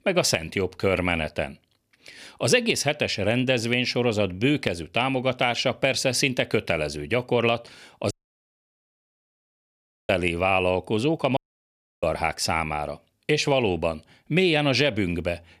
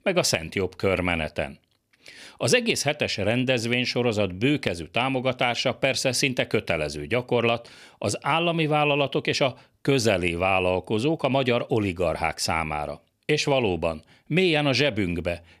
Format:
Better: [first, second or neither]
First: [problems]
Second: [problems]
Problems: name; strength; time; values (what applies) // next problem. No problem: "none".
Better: second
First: audio cutting out; at 8 s for 2 s and at 11 s for 0.5 s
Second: none